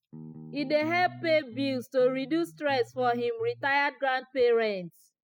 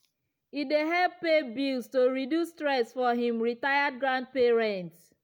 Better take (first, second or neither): second